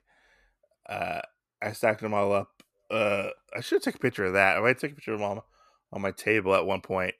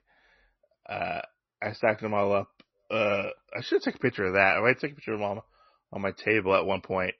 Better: first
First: none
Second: garbled, watery; slightly; nothing above 6 kHz

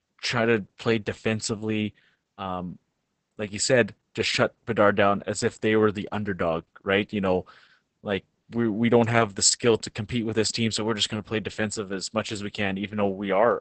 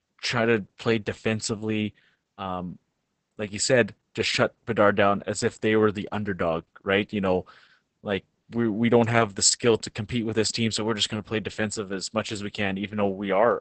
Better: neither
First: garbled, watery; badly; nothing above 8 kHz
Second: garbled, watery; badly; nothing above 8 kHz

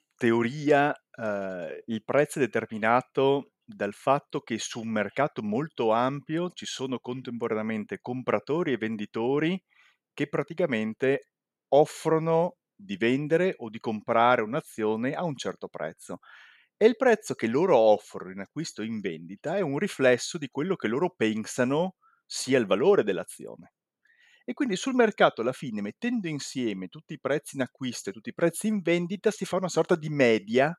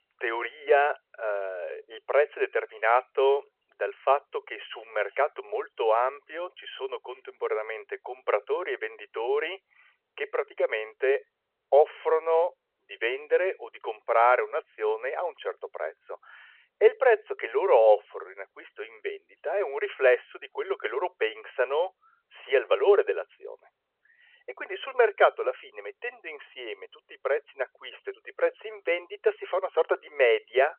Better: first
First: none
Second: phone-call audio

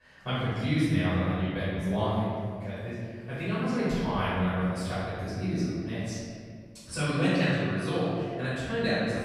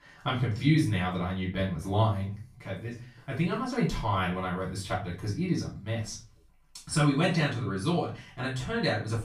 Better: second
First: room echo; strong; dies away in 2 s // off-mic speech; far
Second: room echo; slight; dies away in 0.3 s // off-mic speech; far

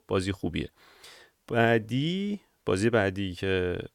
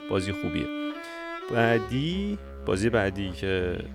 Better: first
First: none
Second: background music; loud; throughout; 9 dB below the speech

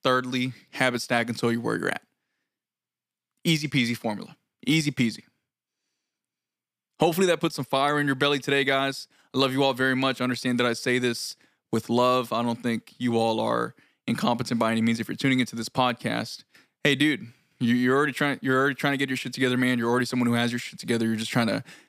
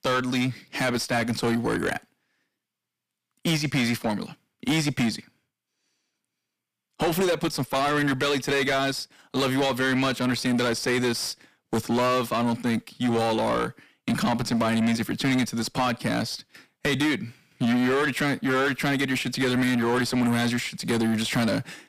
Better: first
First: none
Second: distortion; heavy; 7 dB below the speech

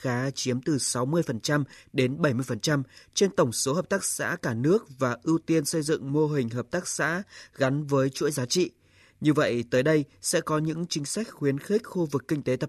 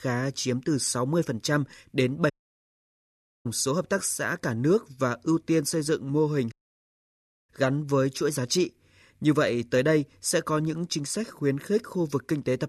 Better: first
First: none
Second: audio cutting out; at 2.5 s for 1 s and at 6.5 s for 1 s

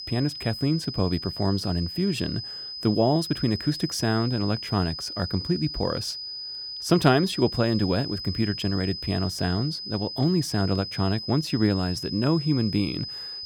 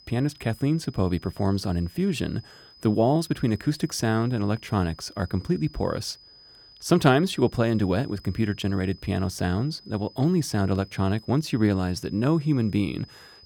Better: second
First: high-pitched whine; loud; throughout; 5 kHz, 7 dB below the speech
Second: high-pitched whine; faint; throughout; 5 kHz, 25 dB below the speech

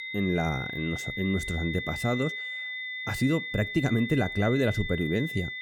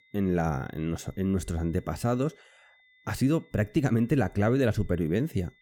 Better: second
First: high-pitched whine; loud; throughout; 2 kHz, 5 dB below the speech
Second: high-pitched whine; faint; throughout; 2 kHz, 30 dB below the speech

